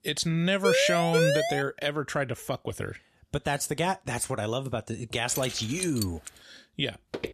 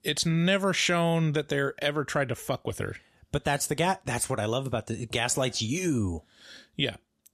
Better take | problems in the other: second | siren; loud; at 0.5 s; peak 5 dB above the speech // jangling keys; noticeable; from 5.5 to 6.5 s; peak 5 dB below the speech // footsteps; noticeable; at 7 s; peak 8 dB below the speech

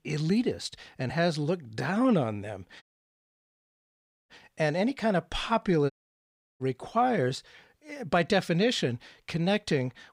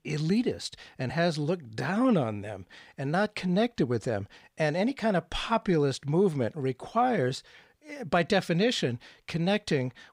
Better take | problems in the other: second | audio cutting out; at 3 s for 1.5 s and at 6 s for 0.5 s

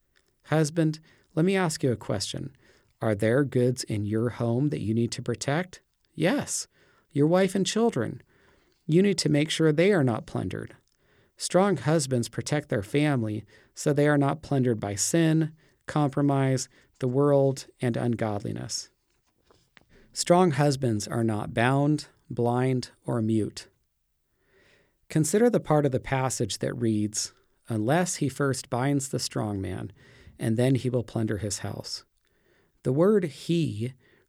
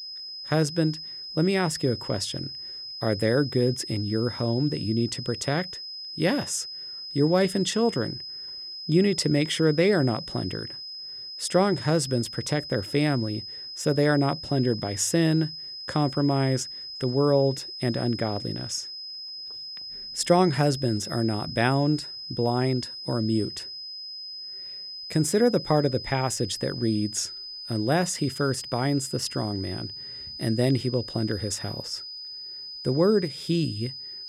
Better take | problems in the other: first | high-pitched whine; loud; throughout; 5 kHz, 9 dB below the speech

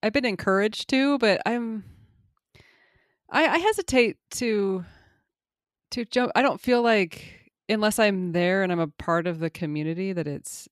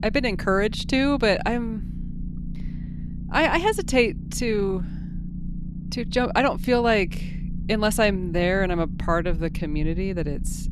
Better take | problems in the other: first | low rumble; faint; throughout; 20 dB below the speech

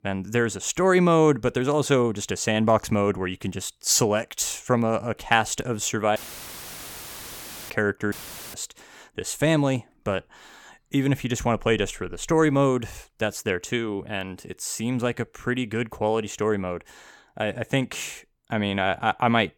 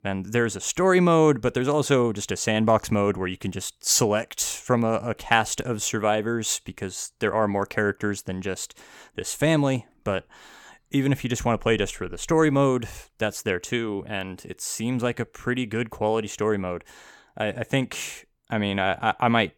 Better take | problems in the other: second | audio cutting out; filled with static; at 6 s for 1.5 s and at 8 s

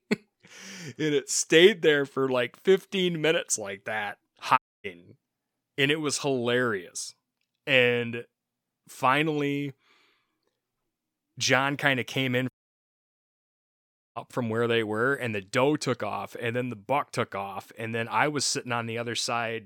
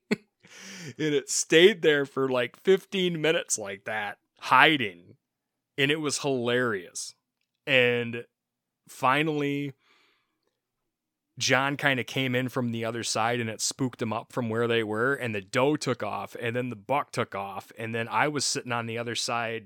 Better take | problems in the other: second | audio cutting out; at 4.5 s and at 13 s for 1.5 s

